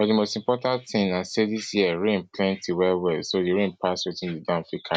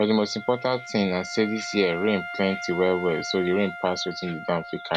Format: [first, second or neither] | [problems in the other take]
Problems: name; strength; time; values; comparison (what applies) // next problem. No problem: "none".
first | background sound (Wind instrument, woodwind instrument); 12 dB below the speech